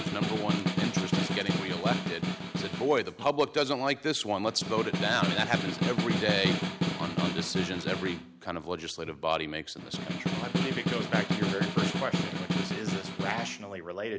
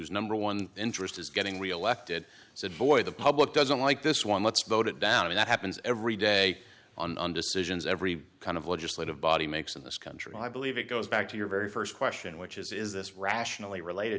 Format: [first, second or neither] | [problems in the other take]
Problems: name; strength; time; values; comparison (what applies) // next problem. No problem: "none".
second | background sound (Snare drum); as loud as the speech